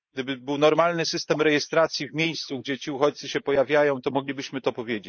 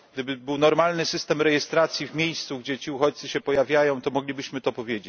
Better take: second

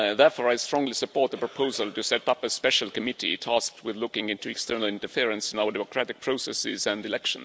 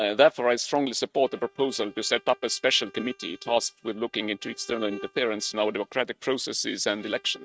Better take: first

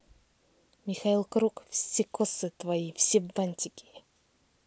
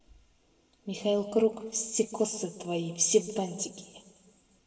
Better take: first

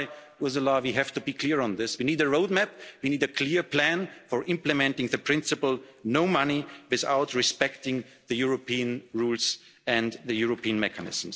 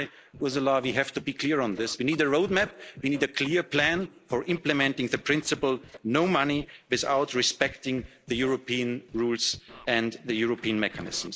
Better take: first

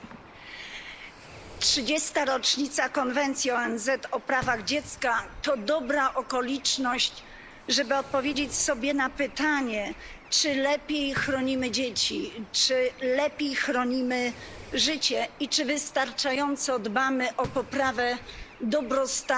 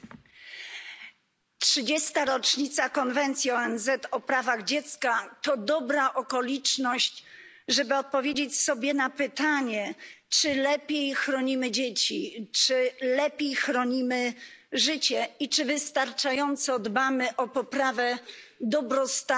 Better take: second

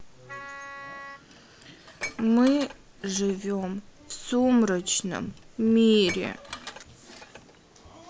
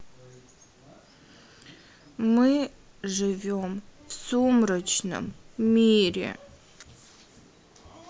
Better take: second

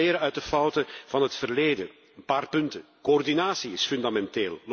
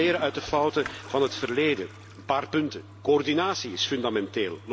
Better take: first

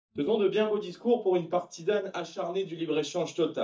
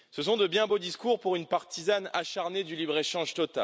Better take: second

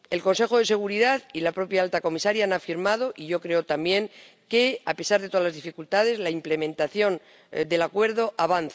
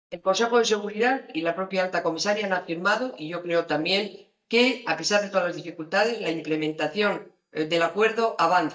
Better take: first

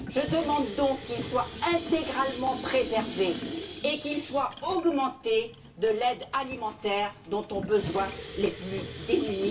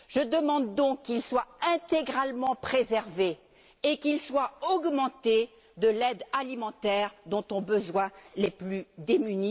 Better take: second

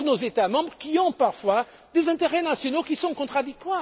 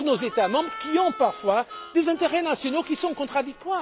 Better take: first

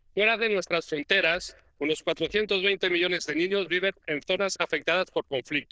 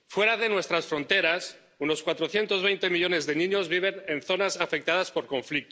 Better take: second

